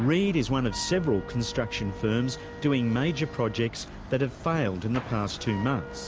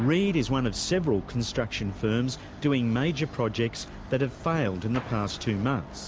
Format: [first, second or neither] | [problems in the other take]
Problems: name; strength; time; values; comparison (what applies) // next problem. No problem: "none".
second | background sound (Wind instrument, woodwind instrument); 17 dB below the speech